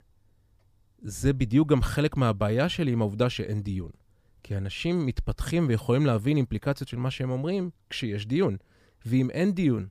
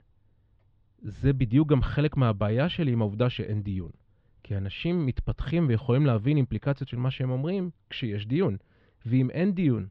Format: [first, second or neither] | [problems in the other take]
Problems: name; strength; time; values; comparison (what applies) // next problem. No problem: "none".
first | muffled; slightly; fading above 3.5 kHz